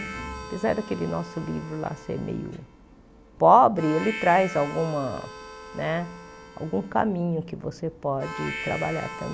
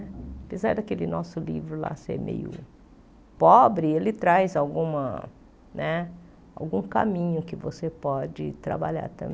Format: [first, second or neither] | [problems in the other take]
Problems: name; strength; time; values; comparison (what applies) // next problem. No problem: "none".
second | background sound (Harmonica); 13 dB below the speech